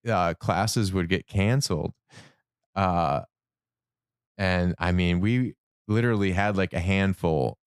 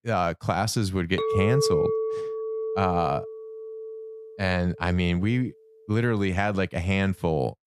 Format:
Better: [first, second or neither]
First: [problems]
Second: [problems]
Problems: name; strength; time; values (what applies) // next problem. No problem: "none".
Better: first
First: none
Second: clattering dishes; loud; from 1 to 4.5 s; peak 2 dB above the speech